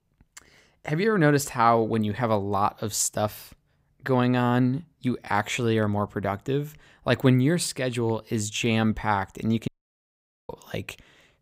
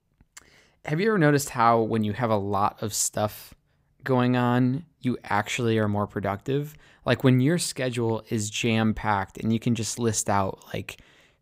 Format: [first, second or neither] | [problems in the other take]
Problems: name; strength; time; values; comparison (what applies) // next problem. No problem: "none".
second | audio cutting out; at 9.5 s for 1 s